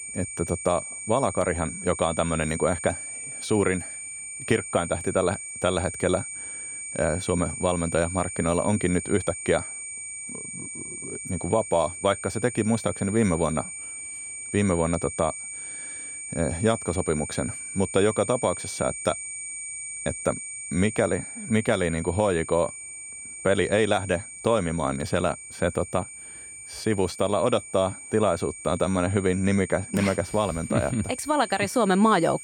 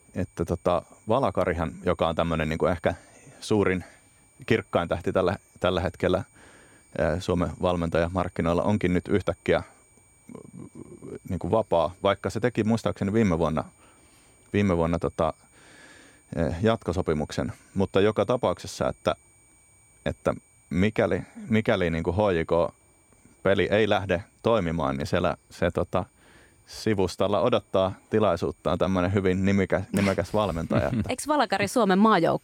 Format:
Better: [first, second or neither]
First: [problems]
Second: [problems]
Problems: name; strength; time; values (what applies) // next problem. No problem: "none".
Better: second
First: high-pitched whine; loud; throughout; 8.5 kHz, 8 dB below the speech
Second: high-pitched whine; faint; throughout; 8.5 kHz, 35 dB below the speech